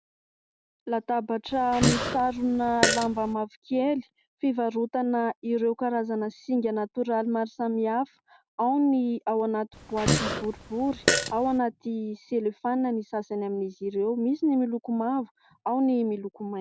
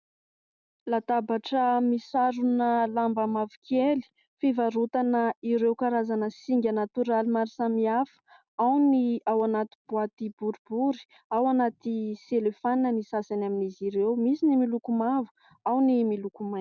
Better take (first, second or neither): second